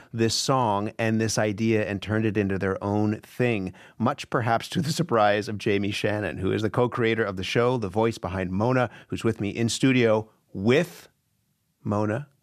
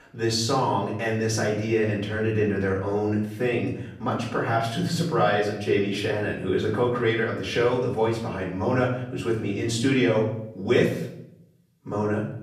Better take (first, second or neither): first